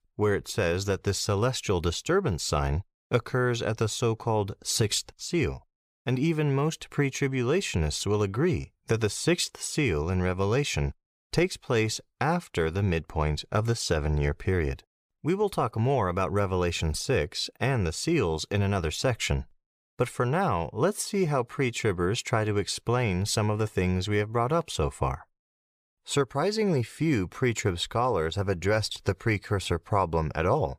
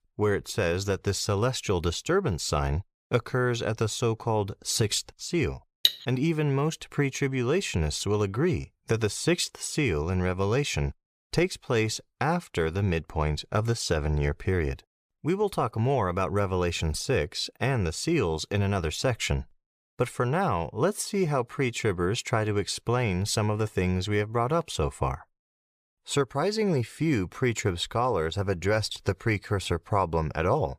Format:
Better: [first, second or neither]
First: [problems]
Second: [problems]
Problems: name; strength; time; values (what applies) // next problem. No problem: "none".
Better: first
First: none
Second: clattering dishes; very faint; at 6 s; peak 3 dB above the speech